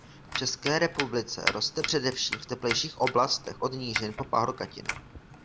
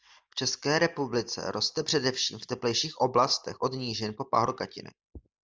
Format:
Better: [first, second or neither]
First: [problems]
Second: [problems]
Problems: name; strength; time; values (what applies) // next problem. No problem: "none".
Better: second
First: background sound (Domestic sounds, home sounds); 7 dB below the speech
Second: none